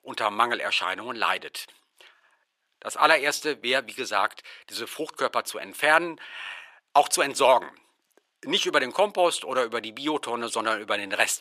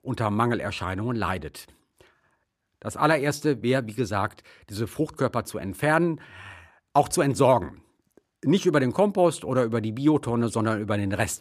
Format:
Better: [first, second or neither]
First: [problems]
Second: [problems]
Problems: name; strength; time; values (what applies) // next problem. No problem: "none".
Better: second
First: thin; very; fading below 600 Hz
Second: none